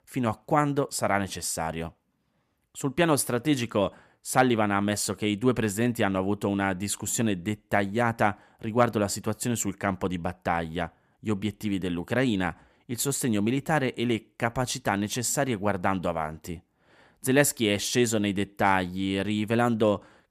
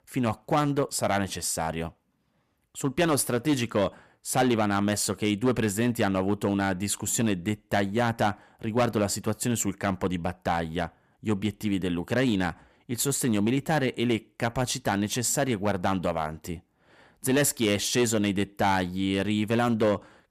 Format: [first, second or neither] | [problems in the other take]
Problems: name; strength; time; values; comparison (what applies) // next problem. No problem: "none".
first | distortion; slight; 4% of the sound clipped